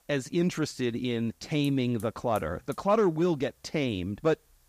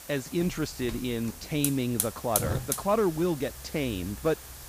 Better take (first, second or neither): first